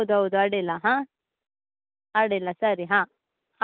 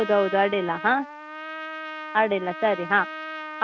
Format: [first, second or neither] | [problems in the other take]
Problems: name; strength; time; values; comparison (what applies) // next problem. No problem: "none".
first | background sound (Trumpet); 11 dB below the speech